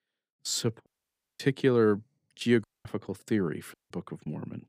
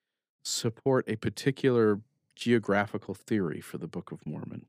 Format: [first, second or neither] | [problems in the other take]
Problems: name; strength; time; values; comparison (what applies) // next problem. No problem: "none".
second | audio cutting out; at 1 s for 0.5 s, at 2.5 s and at 3.5 s